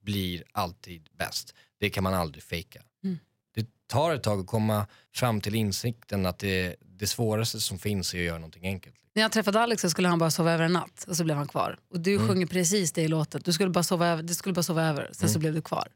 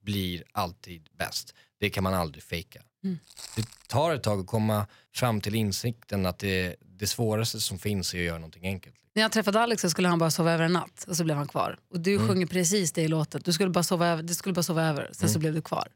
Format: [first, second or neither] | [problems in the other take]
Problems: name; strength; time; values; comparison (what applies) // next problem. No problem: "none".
first | footsteps; faint; at 3.5 s; peak 15 dB below the speech